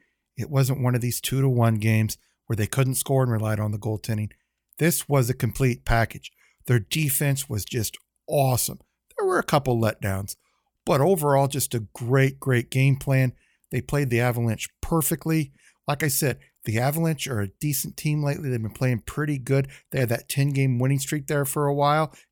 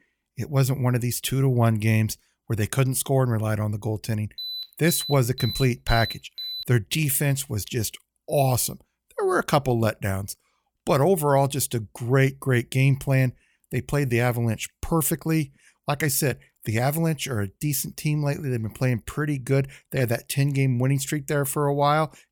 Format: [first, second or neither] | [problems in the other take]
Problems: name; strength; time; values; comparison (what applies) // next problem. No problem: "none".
first | alarm; noticeable; from 4.5 to 6.5 s; peak 7 dB below the speech